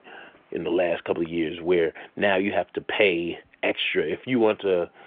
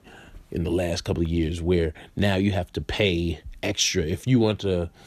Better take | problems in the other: second | phone-call audio; nothing above 3.5 kHz

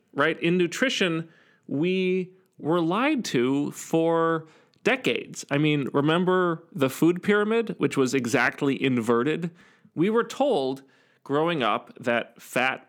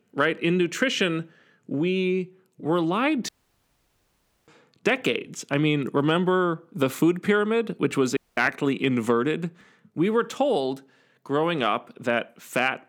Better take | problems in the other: first | audio cutting out; at 3.5 s for 1 s and at 8 s

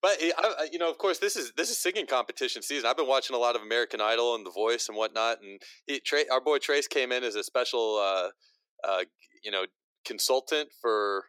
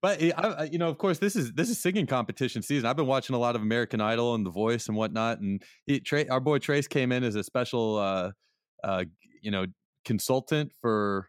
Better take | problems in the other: second | thin; very; fading below 350 Hz

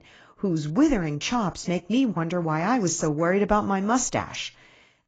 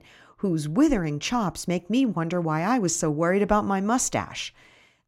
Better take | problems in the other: second | garbled, watery; badly; nothing above 7.5 kHz

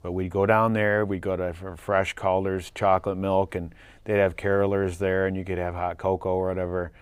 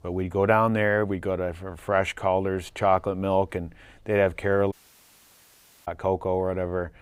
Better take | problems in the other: first | audio cutting out; at 4.5 s for 1 s

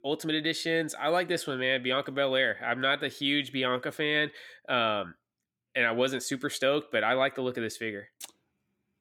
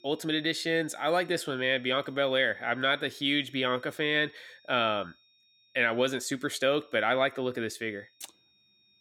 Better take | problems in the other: first | high-pitched whine; faint; throughout; 3.5 kHz, 30 dB below the speech

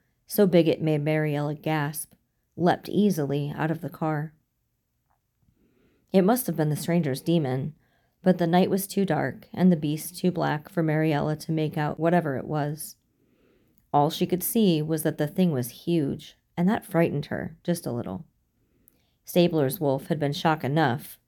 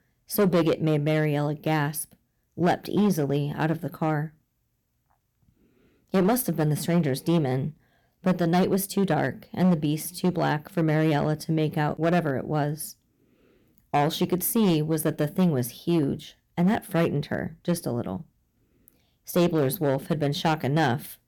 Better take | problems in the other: first | distortion; slight; 5% of the sound clipped

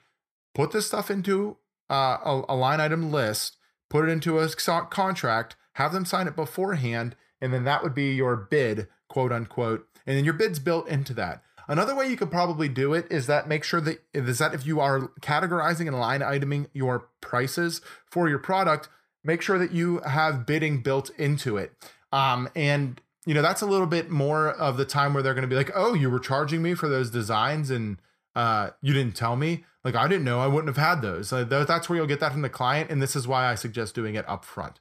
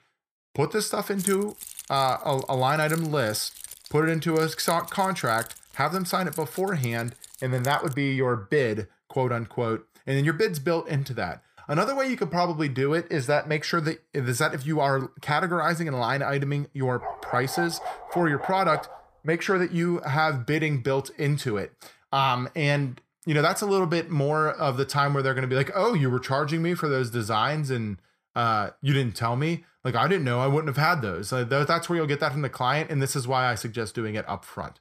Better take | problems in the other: first | jangling keys; noticeable; from 1 to 8 s; peak 6 dB below the speech // dog barking; noticeable; from 17 to 19 s; peak 7 dB below the speech

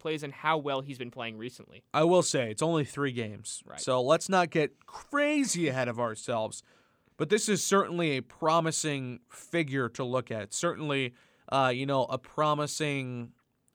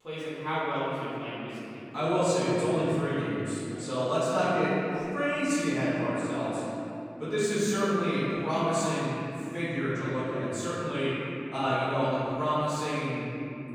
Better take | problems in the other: first | room echo; strong; dies away in 3 s // off-mic speech; far

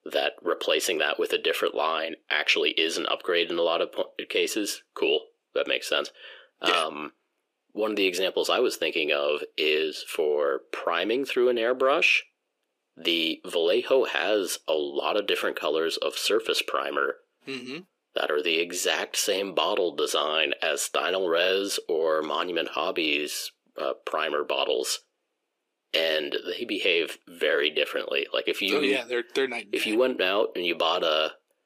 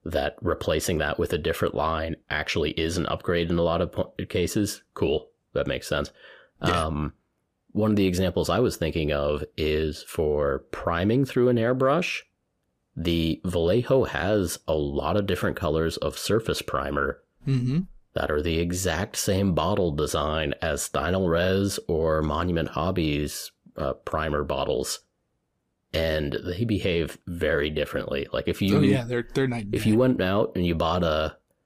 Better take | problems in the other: second | thin; somewhat; fading below 350 Hz

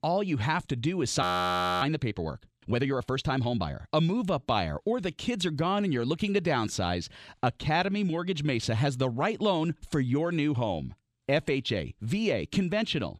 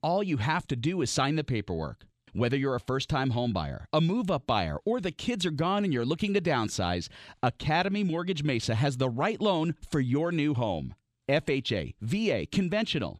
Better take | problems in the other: second | audio freezing; at 1 s for 0.5 s

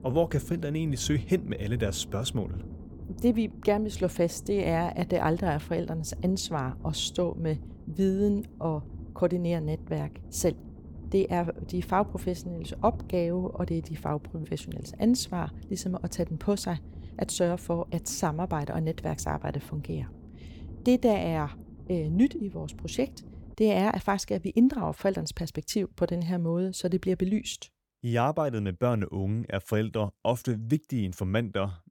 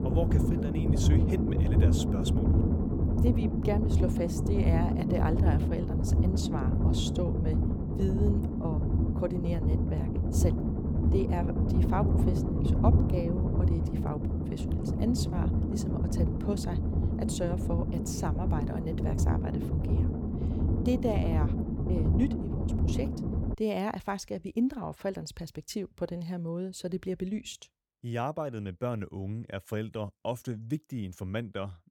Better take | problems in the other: first | low rumble; loud; until 24 s; as loud as the speech; faint in the first

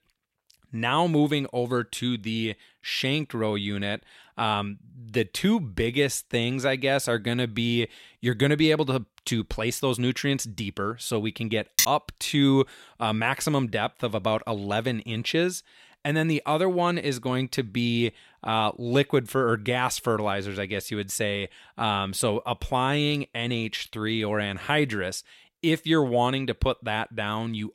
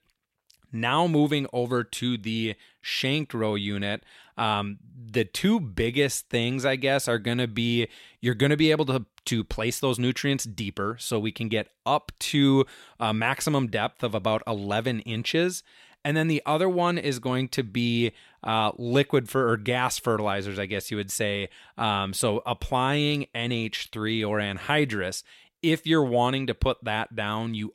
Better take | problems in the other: second | clattering dishes; loud; at 12 s; peak 3 dB above the speech

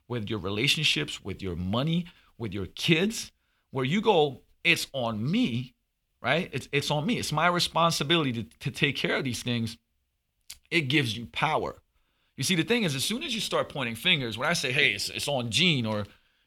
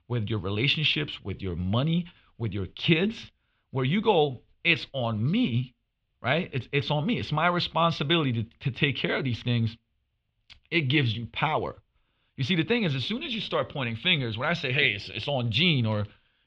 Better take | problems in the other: first | muffled; slightly; fading above 3.5 kHz

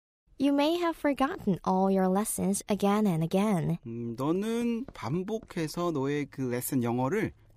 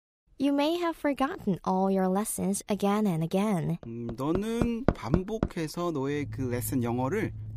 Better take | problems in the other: first | machinery noise; loud; from 4.5 s on; 5 dB below the speech; faint in the first

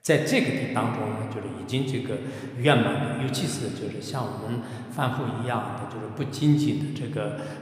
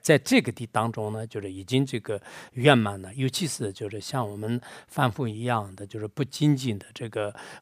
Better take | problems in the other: second | room echo; slight; dies away in 2.5 s

